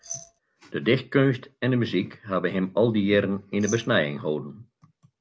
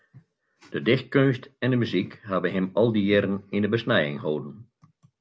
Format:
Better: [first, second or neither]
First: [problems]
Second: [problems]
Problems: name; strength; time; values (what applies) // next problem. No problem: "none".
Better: second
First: background sound (Glass); 13 dB below the speech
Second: none